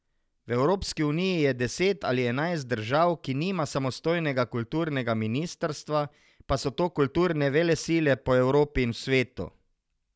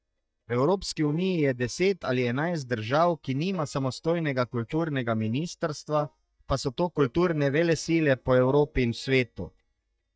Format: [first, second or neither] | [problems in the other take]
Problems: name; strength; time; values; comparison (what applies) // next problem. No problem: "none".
first | noise reduction (neural mask model DeepFilterNet 3)